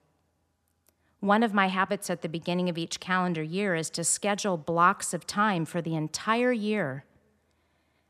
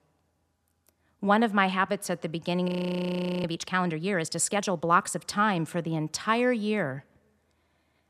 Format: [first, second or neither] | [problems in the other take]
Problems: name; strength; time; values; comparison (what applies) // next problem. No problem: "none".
first | audio freezing; at 2.5 s for 1 s